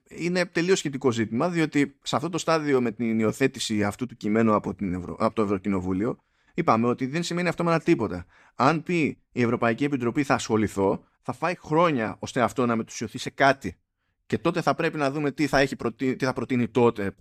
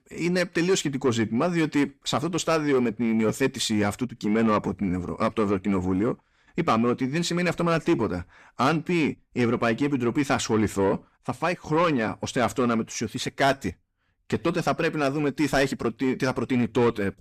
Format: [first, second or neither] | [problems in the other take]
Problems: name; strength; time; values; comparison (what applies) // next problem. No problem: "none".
first | distortion; slight; 10 dB below the speech